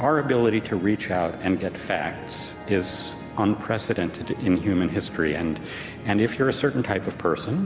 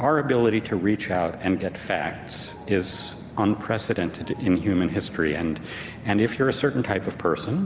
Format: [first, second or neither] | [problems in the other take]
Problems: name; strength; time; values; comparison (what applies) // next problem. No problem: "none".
second | background sound (Harp); 18 dB below the speech